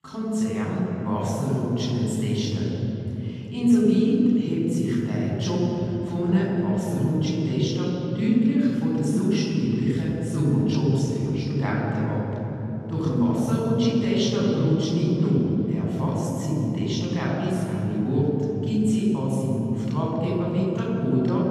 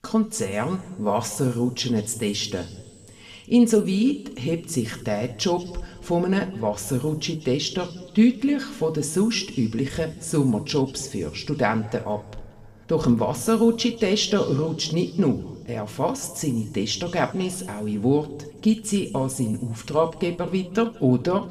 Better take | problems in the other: second | room echo; strong; dies away in 3 s; slight in the second // off-mic speech; far

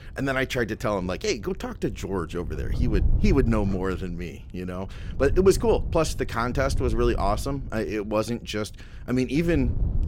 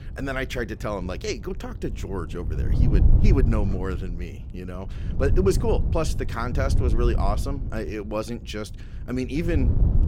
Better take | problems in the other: first | wind noise on the microphone; heavy; 10 dB below the speech; occasional gusts in the first

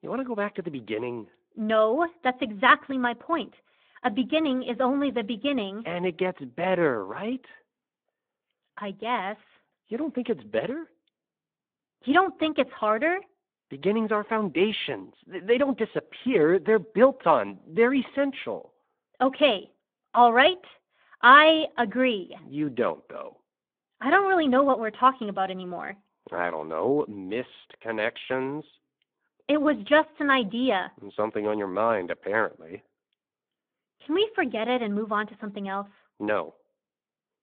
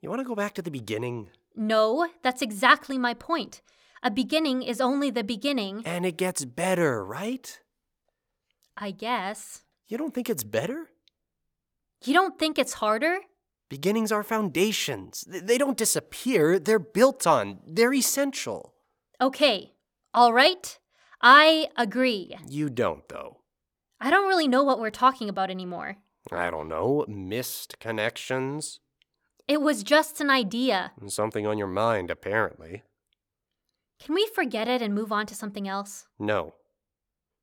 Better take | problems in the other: second | phone-call audio; nothing above 3.5 kHz

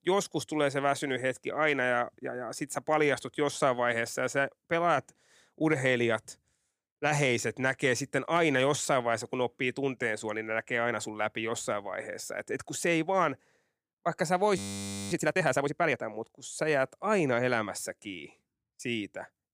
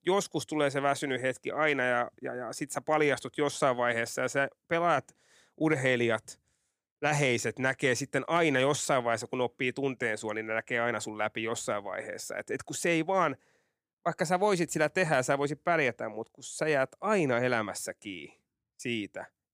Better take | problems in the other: second | audio freezing; at 15 s for 0.5 s

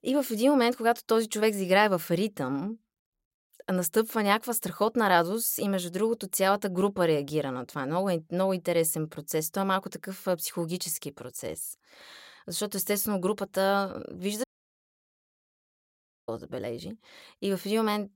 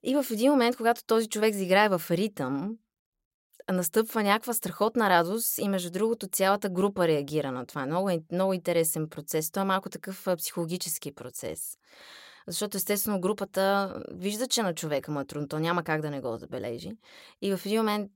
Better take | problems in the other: second | audio cutting out; at 14 s for 2 s

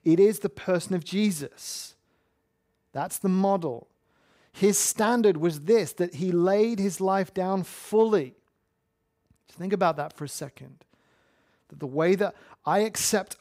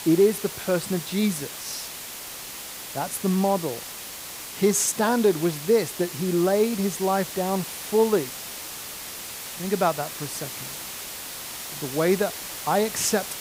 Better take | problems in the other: first | hiss; loud; throughout; 9 dB below the speech

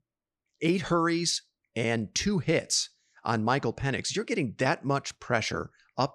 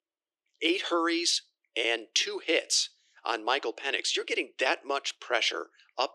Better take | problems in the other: first | thin; very; fading below 350 Hz

